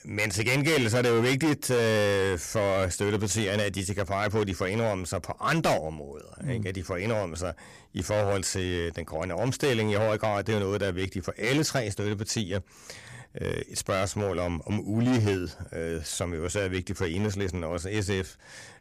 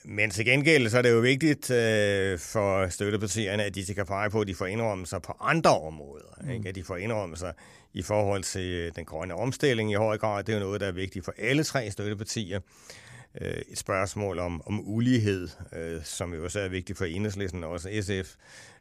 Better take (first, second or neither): second